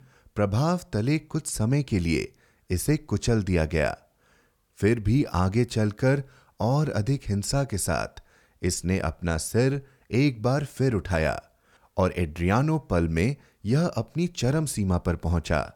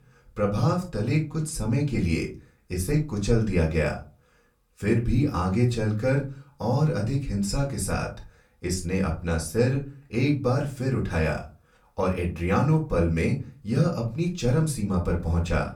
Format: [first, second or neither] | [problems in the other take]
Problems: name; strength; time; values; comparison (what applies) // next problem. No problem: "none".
first | off-mic speech; far // room echo; very slight; dies away in 0.3 s